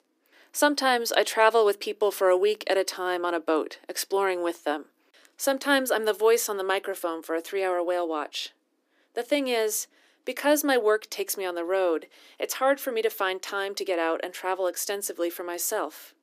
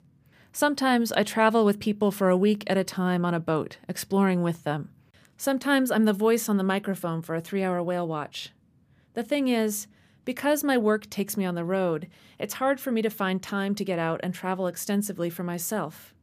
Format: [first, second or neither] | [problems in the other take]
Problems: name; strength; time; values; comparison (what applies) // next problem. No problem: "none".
second | thin; somewhat; fading below 300 Hz